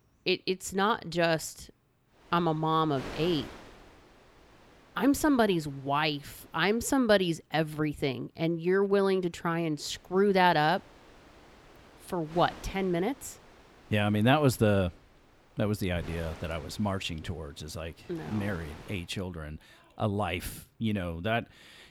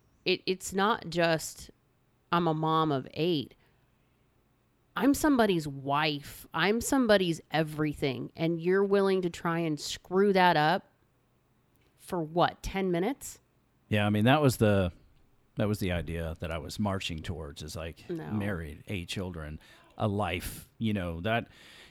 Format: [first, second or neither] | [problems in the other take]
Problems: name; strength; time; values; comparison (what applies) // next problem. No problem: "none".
second | wind noise on the microphone; occasional gusts; from 2 to 7 s and from 10 to 19 s; 20 dB below the speech